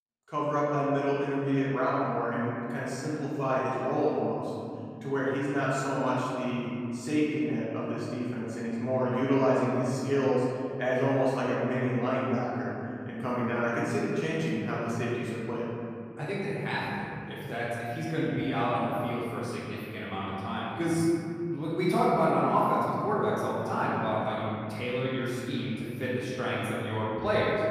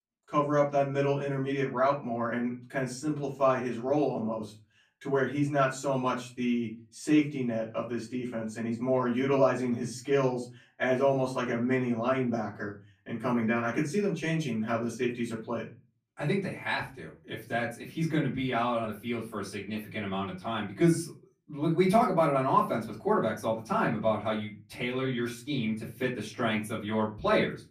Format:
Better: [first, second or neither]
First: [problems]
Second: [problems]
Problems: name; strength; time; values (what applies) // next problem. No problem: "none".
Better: second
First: room echo; strong; dies away in 2.9 s // off-mic speech; far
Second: room echo; slight; dies away in 0.3 s // off-mic speech; far